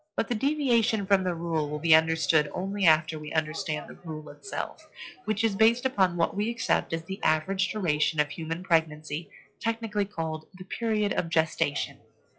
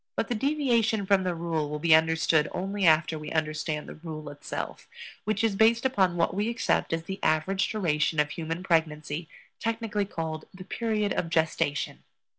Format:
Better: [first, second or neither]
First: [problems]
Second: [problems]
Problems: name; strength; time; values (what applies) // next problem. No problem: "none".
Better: second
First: noise reduction (classical method log-MMSE)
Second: none